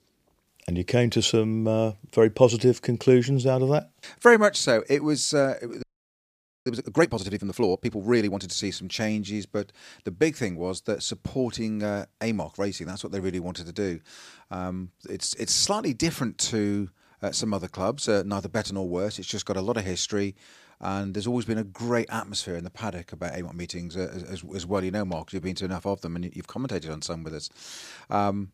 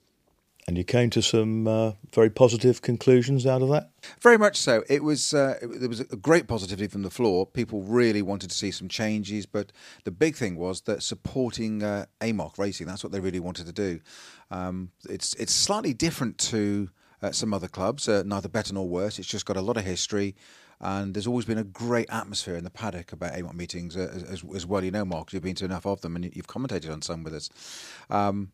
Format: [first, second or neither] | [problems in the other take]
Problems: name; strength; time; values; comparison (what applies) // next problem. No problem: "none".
second | audio freezing; at 6 s for 1 s